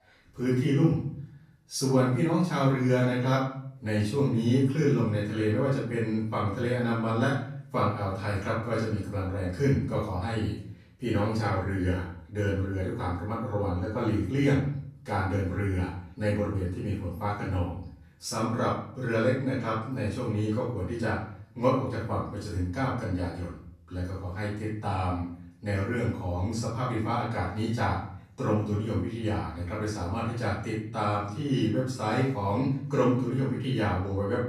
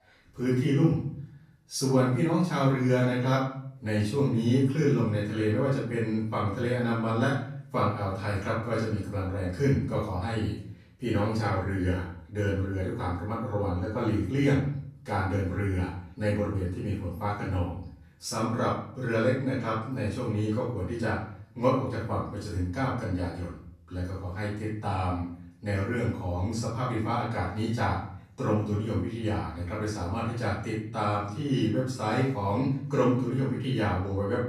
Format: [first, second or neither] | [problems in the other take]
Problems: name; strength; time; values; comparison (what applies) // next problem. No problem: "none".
neither | room echo; noticeable; dies away in 0.6 s; the same in both // off-mic speech; far; the same in both